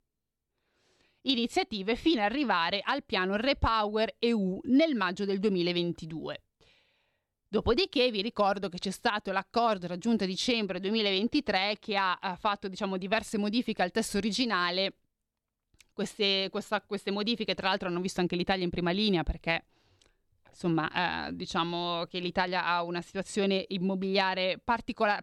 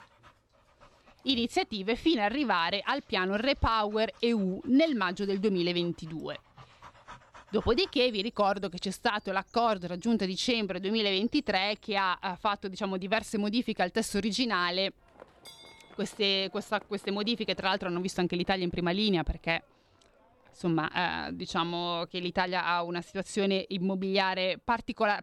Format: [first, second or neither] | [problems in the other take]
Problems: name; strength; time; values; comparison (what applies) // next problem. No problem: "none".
first | animal sounds; faint; throughout; 30 dB below the speech